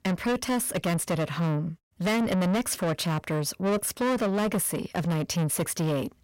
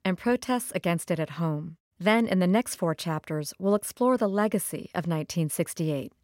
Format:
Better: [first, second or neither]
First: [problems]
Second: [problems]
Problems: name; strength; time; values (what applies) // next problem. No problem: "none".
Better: second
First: distortion; heavy; 7 dB below the speech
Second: none